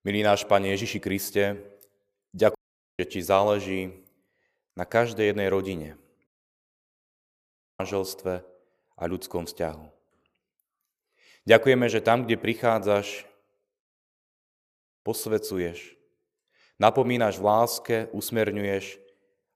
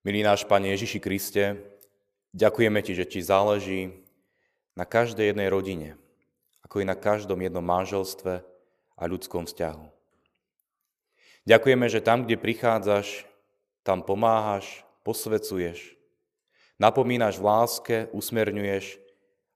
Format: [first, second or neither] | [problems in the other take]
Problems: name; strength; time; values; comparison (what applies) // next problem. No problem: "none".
second | audio cutting out; at 2.5 s, at 6.5 s for 1.5 s and at 14 s for 1 s